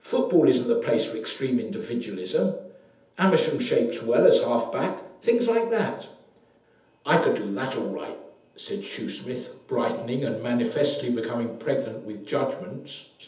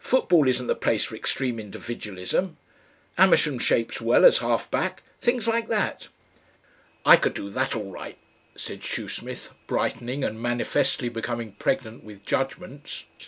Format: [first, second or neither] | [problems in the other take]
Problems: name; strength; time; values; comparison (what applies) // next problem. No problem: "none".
second | room echo; dies away in 0.8 s